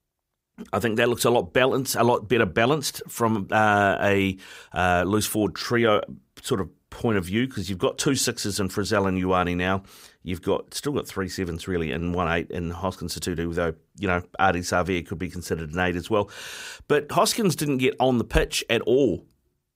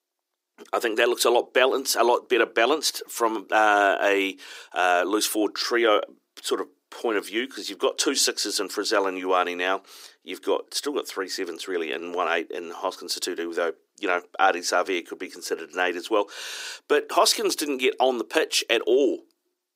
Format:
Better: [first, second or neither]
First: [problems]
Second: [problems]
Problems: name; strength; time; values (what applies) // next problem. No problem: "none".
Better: first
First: none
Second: thin; somewhat; fading below 300 Hz